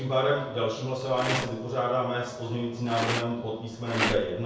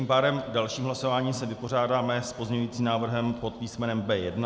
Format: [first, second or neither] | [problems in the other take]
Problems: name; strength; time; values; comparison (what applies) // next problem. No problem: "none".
second | background sound (Rattle); 7 dB below the speech // room echo; dies away in 0.6 s